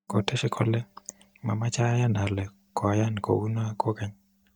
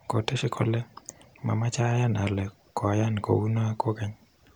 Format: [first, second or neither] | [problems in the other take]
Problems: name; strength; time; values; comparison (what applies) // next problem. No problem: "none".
second | noise reduction (neural mask model DeepFilterNet 3)